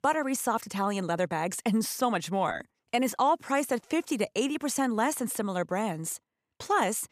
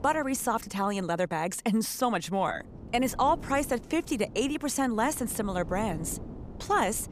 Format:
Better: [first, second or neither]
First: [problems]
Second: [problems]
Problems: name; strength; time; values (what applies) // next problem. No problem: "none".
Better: first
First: none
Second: wind noise on the microphone; occasional gusts; 20 dB below the speech